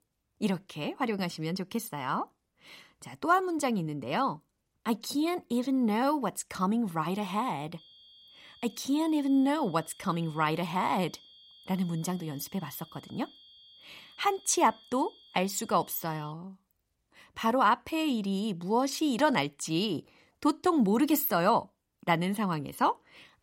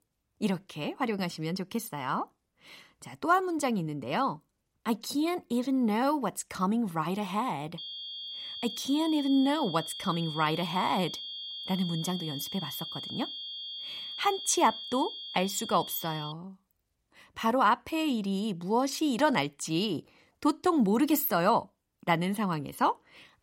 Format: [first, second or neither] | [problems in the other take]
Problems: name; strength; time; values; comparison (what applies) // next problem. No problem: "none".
first | high-pitched whine; loud; from 8 to 16 s; 3.5 kHz, 8 dB below the speech; faint in the first